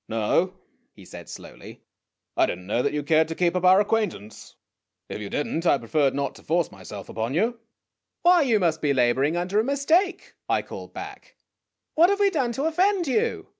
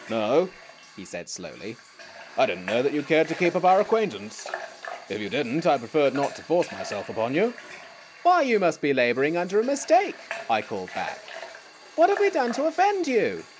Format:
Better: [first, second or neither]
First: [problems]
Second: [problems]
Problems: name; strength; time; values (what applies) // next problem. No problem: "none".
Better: first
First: none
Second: background sound (Water tap, faucet / Water); 16 dB below the speech